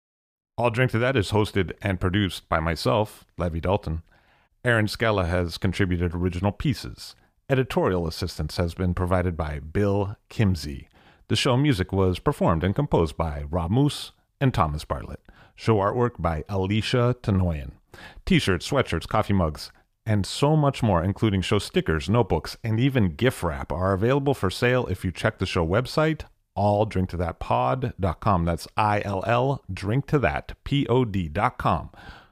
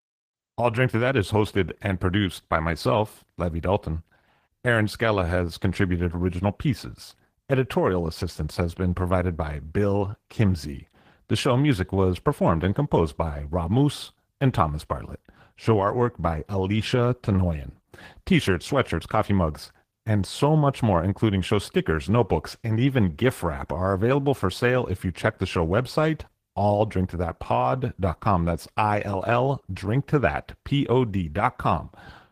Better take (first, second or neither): first